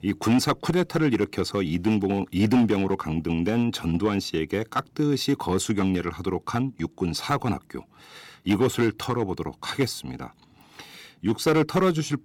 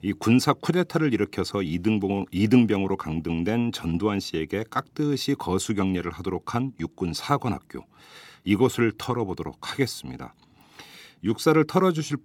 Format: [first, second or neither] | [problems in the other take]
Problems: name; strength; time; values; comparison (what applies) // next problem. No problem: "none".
second | distortion; slight; 4% of the sound clipped